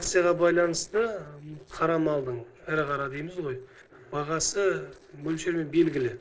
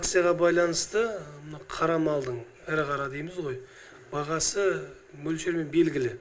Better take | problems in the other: second | noise reduction (neural separator model SepFormer DNS4)

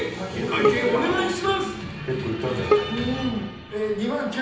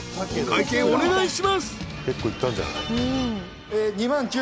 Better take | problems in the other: second | background sound (Bowed string instrument); 3 dB below the speech // room echo; dies away in 0.9 s

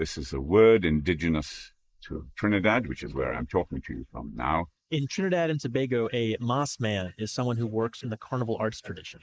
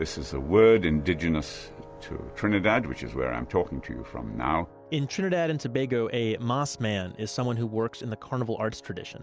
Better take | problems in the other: second | noise reduction (neural mask model Resemble Enhance denoiser)

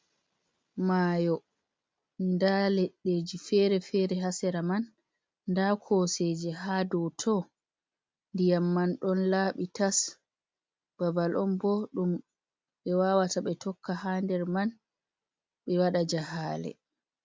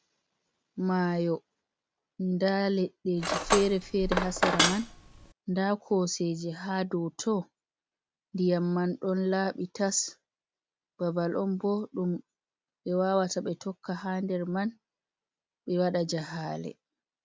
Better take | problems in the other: first | background sound (Cutlery, silverware); 1 dB above the speech

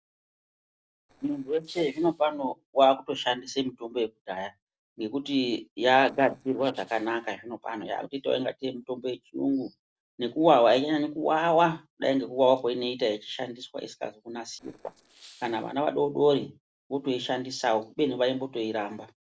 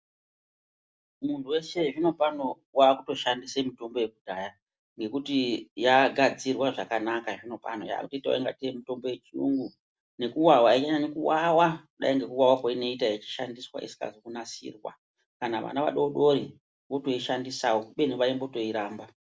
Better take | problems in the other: second | noise reduction (neural separator model SepFormer DNS4)

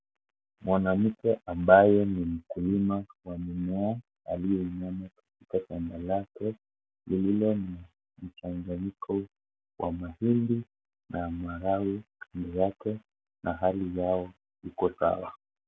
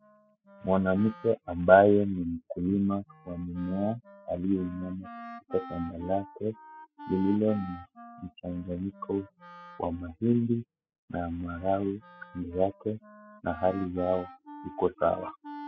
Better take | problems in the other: first | noise reduction (classical method spectral subtraction)

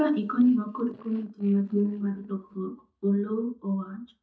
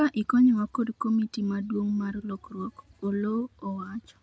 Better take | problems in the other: second | noise reduction (neural mask model DeepFilterNet 3)

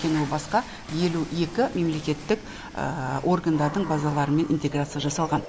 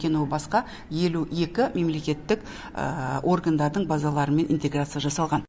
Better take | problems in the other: second | background sound (Water / Splash, splatter); 15 dB below the speech

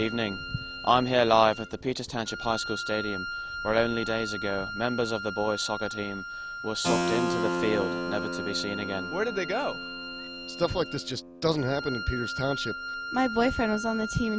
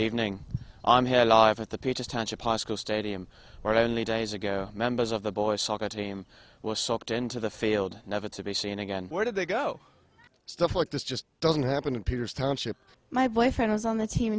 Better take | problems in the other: second | background sound (Wind instrument, woodwind instrument + Keyboard (musical)); 5 dB below the speech

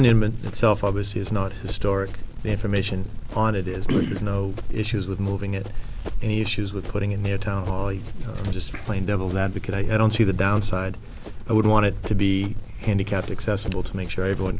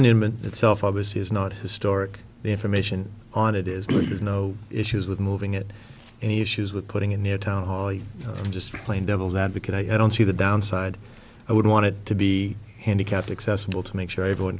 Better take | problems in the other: second | background sound (Run); 3 dB below the speech

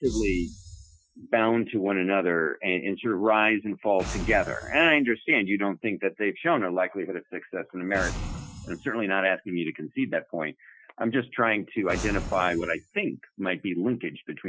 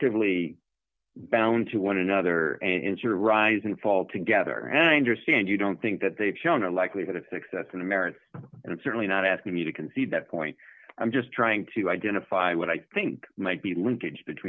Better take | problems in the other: second | noise reduction (classical method Wiener filter)

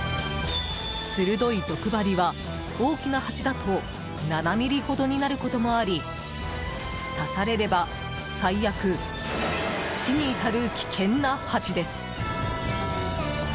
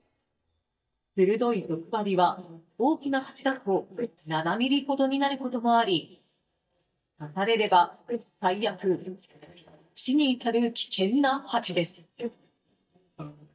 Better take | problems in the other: first | noise reduction (neural mask model DeepFilterNet 3)

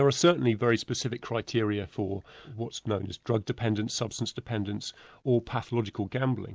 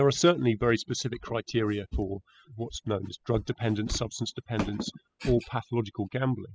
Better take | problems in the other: first | noise reduction (classical method spectral subtraction)

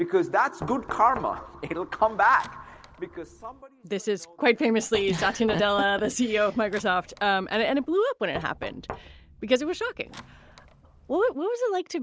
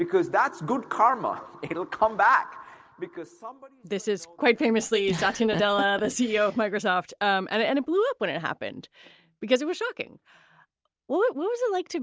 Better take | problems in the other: second | background sound (Knock); 18 dB below the speech

